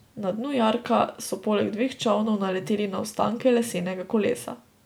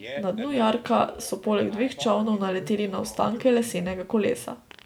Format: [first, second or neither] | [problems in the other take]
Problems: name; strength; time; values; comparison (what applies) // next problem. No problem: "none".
first | background sound (Fart); 17 dB below the speech